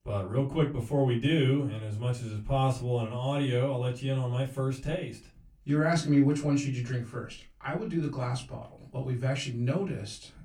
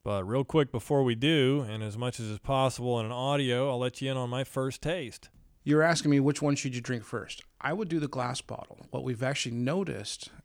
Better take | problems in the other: second | off-mic speech; far // room echo; very slight; dies away in 0.2 s

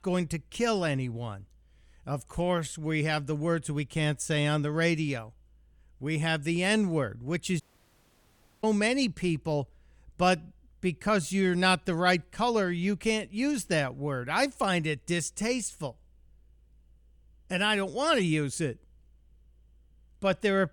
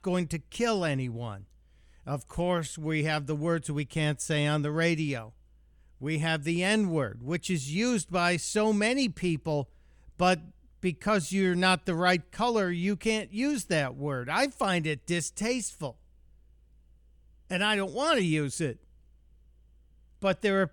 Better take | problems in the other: second | audio cutting out; at 7.5 s for 1 s

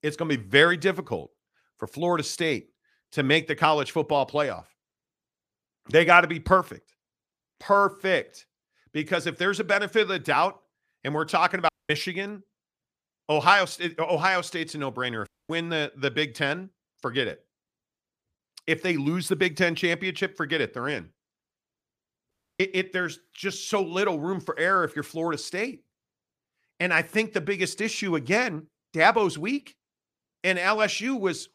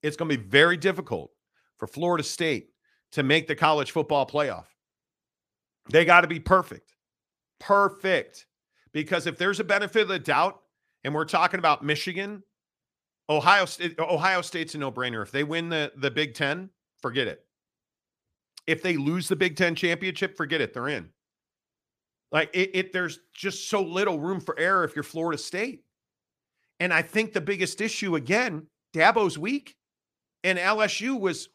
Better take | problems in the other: second | audio cutting out; at 12 s, at 15 s and at 22 s

